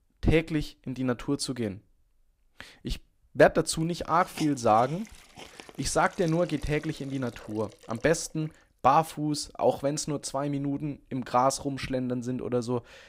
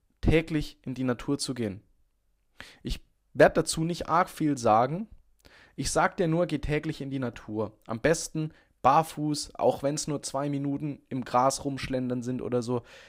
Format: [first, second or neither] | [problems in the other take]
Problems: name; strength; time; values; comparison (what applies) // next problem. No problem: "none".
second | hiss; noticeable; throughout; 20 dB below the speech